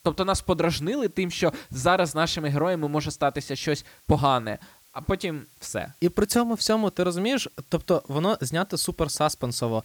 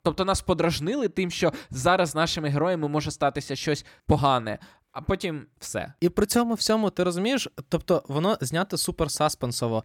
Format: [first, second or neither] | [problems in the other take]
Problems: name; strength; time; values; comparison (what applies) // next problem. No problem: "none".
second | hiss; faint; throughout; 30 dB below the speech